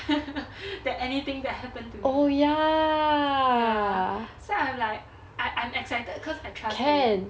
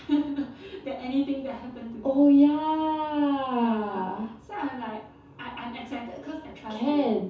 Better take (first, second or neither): first